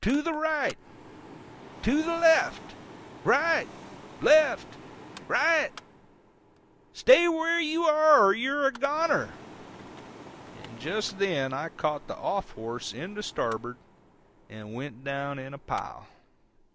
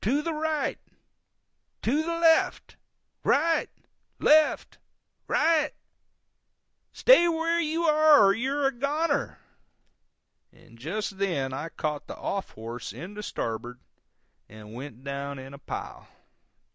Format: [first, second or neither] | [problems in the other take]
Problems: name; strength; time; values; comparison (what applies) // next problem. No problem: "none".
second | background sound (Mechanical fan); 20 dB below the speech